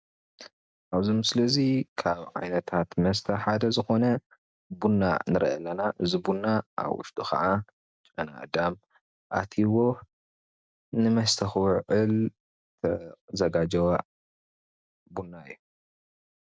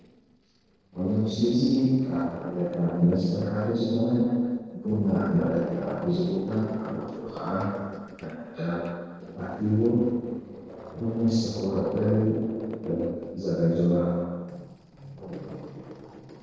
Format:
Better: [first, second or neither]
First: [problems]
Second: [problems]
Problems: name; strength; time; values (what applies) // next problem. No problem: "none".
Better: first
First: none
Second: noise reduction (neural separator model SepFormer DNS4)